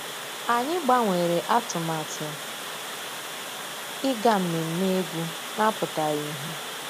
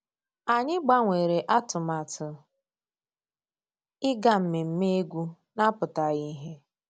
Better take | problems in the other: second | background sound (Water); 7 dB below the speech

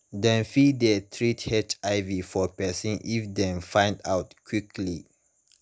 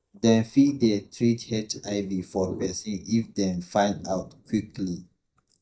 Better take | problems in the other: first | noise reduction (neural mask model DeepFilterNet 3)

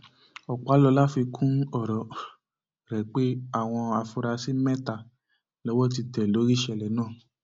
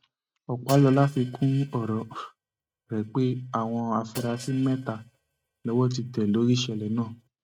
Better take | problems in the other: first | noise reduction (neural mask model RNNoise)

